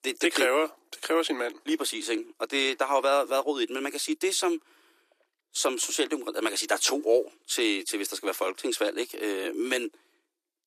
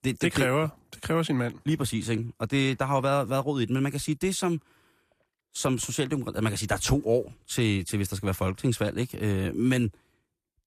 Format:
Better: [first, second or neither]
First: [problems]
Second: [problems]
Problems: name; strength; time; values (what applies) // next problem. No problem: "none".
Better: second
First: thin; somewhat; fading below 300 Hz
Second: none